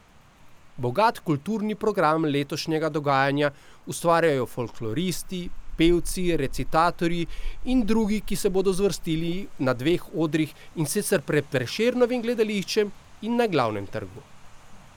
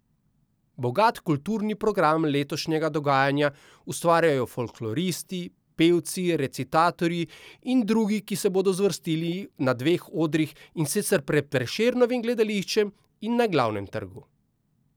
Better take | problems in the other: second | background sound (Rain); 9 dB below the speech

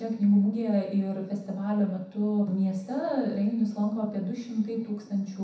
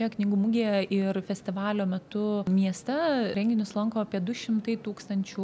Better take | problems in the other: second | room echo; dies away in 0.7 s

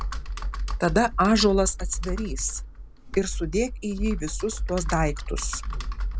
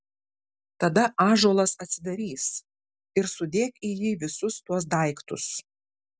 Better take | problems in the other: second | background sound (Computer keyboard); 4 dB below the speech

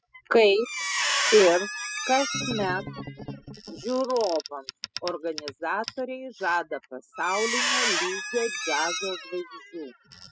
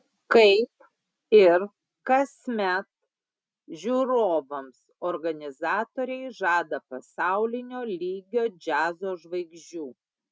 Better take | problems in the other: second | noise reduction (classical method spectral subtraction)

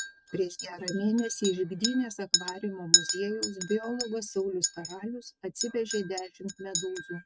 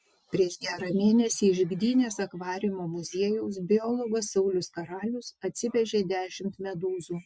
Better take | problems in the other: second | noise reduction (neural mask model RNNoise)

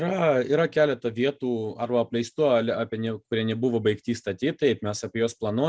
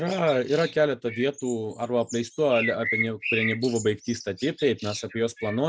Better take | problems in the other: first | background sound (Bird); 9 dB below the speech

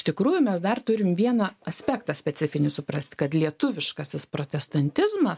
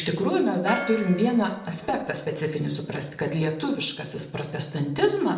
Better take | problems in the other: first | background sound (Gong); 14 dB below the speech // room echo; dies away in 0.6 s

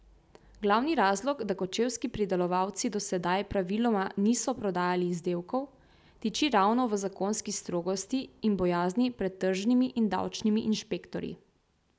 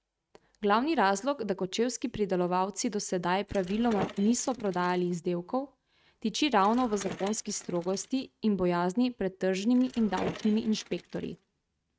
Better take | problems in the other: first | noise reduction (neural mask model RNNoise)

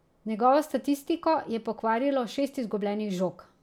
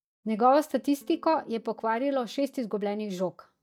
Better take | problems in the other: first | noise reduction (neural mask model DeepFilterNet 3)

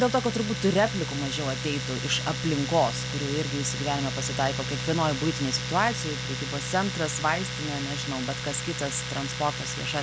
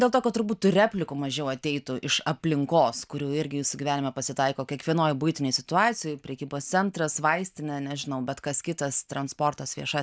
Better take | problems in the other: second | background sound (Domestic sounds, home sounds); 4 dB below the speech

